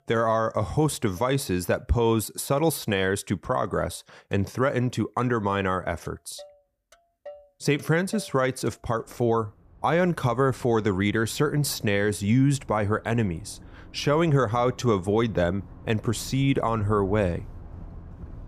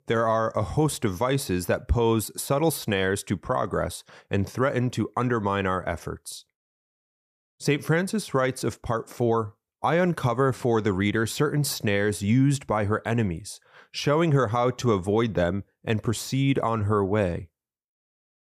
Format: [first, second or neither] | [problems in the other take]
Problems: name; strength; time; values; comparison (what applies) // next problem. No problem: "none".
second | traffic noise; faint; throughout; 20 dB below the speech